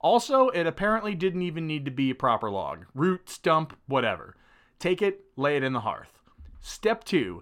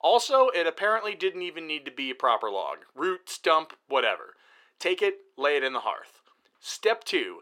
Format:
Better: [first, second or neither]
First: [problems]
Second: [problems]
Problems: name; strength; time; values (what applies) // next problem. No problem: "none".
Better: first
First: none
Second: thin; very; fading below 400 Hz